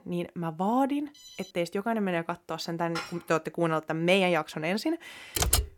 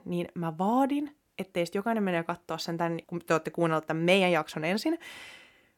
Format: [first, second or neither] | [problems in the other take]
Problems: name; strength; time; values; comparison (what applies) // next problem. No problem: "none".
second | alarm; faint; at 1 s; peak 20 dB below the speech // clattering dishes; noticeable; at 3 s; peak 9 dB below the speech // keyboard typing; loud; at 5.5 s; peak 4 dB above the speech